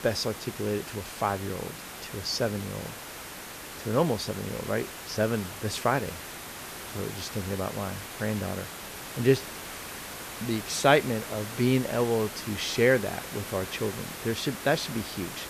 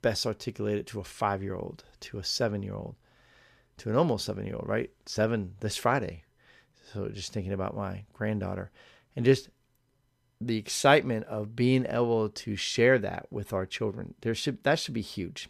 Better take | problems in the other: second | hiss; loud; throughout; 9 dB below the speech

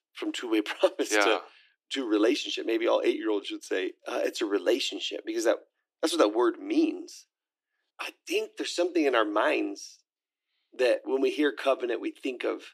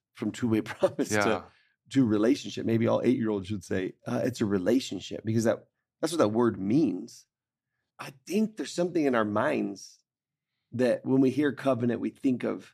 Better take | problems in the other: second | thin; somewhat; fading below 300 Hz

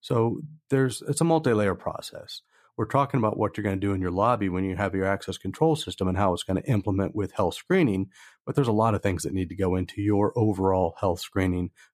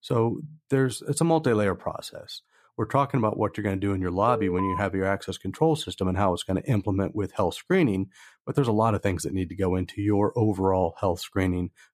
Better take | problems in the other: first | alarm; noticeable; at 4.5 s; peak 4 dB below the speech

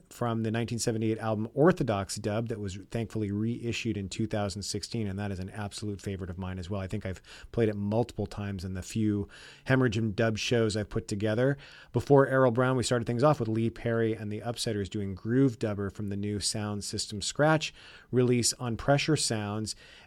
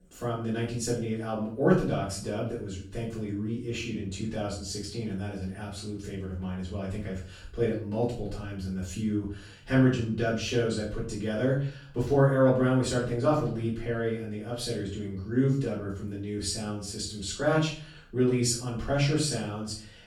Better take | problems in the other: first | off-mic speech; far // room echo; noticeable; dies away in 0.4 s

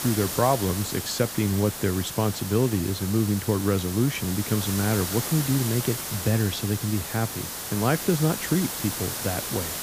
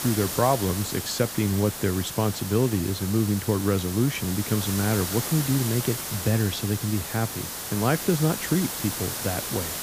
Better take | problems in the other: neither | hiss; loud; throughout; 5 dB below the speech; the same in both

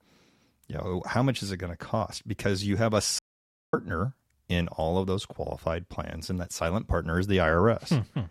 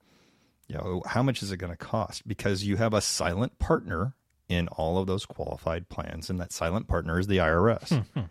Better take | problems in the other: second | audio cutting out; at 3 s for 0.5 s

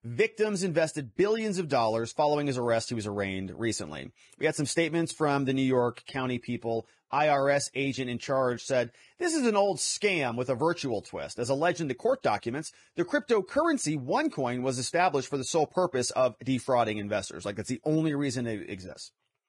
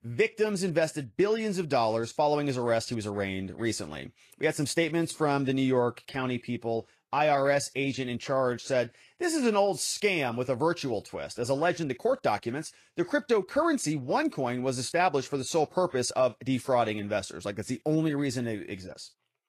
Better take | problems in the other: second | garbled, watery; badly; nothing above 10 kHz; slightly in the second

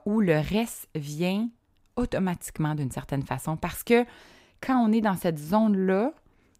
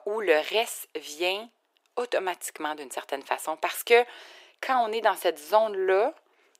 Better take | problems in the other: first | thin; very; fading below 350 Hz

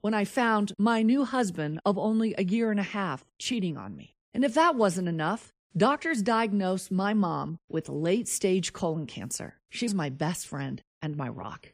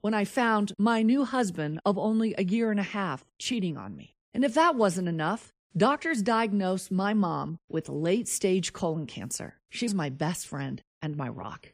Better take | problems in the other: neither | none

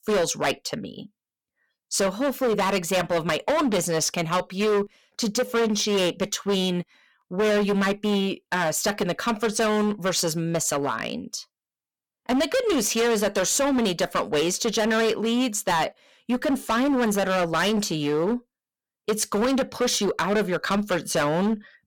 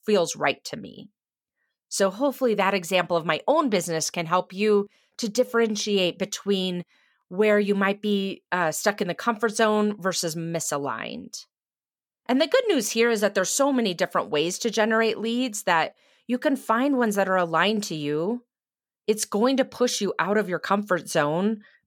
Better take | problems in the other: second | distortion; heavy; 17% of the sound clipped

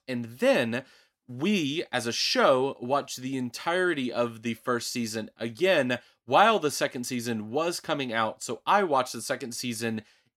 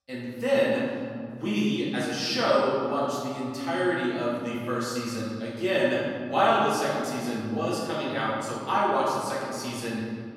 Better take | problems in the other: first | room echo; strong; dies away in 2.5 s // off-mic speech; far

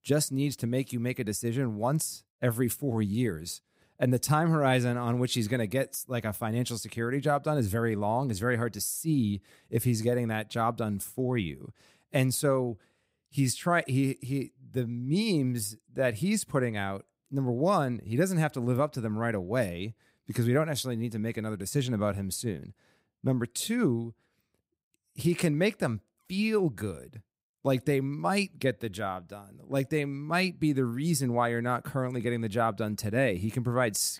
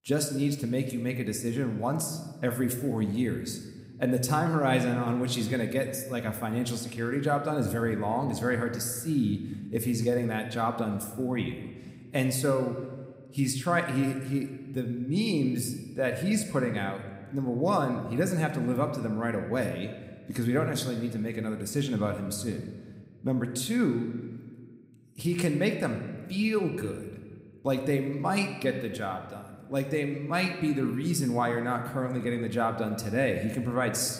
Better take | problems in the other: first | room echo; slight; dies away in 1.1 s

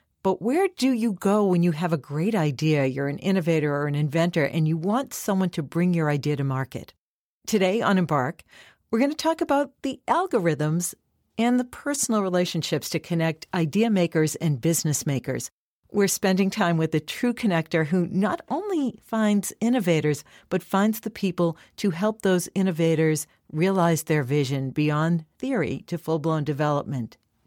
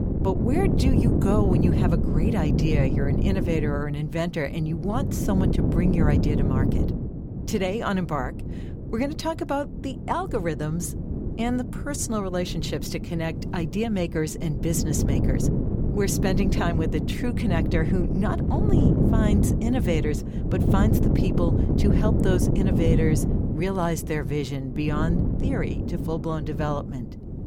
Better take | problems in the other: first | wind noise on the microphone; heavy; 3 dB below the speech

